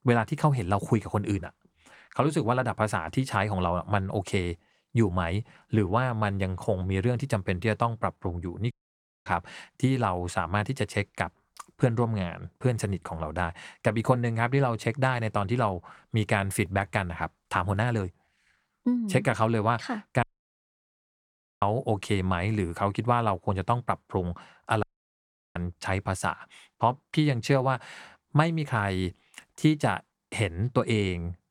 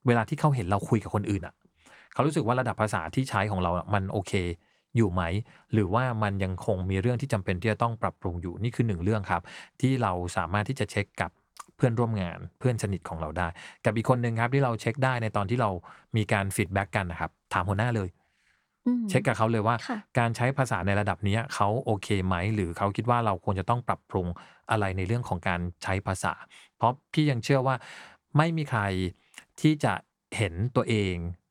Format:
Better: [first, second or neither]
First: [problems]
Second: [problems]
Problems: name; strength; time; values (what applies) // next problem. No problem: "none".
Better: second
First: audio cutting out; at 8.5 s for 0.5 s, at 20 s for 1.5 s and at 25 s for 0.5 s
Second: none